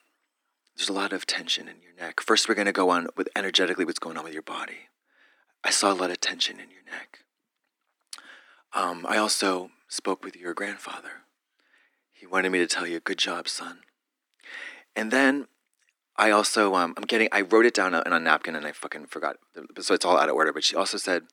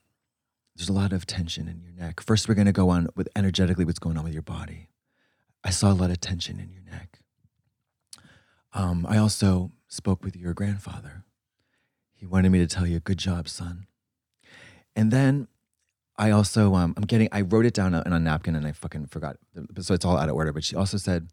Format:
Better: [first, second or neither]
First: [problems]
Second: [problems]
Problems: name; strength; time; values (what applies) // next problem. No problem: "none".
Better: second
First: thin; very; fading below 300 Hz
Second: none